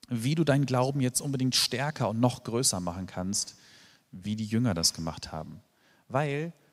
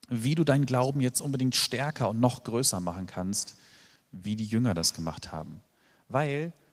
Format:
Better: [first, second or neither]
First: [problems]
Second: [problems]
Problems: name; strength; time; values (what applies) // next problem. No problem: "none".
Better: first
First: none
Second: garbled, watery; slightly; nothing above 15.5 kHz